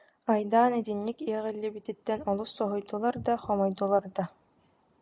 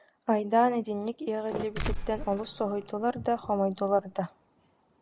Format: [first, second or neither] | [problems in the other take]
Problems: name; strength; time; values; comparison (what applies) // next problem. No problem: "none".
first | background sound (Mechanisms); 8 dB below the speech